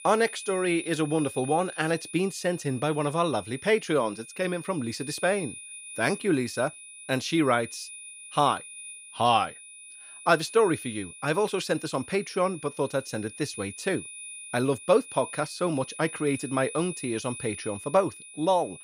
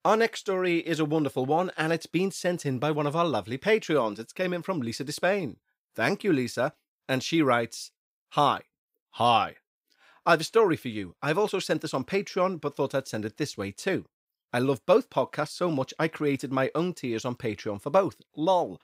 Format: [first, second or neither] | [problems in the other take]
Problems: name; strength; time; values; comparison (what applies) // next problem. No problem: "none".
second | high-pitched whine; noticeable; throughout; 9.5 kHz, 15 dB below the speech